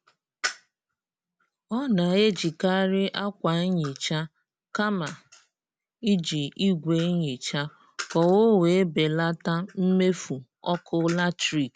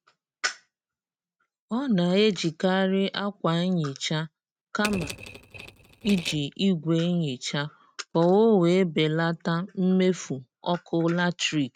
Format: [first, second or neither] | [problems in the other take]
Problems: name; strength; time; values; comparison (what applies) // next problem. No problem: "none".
first | noise reduction (neural mask model RNNoise)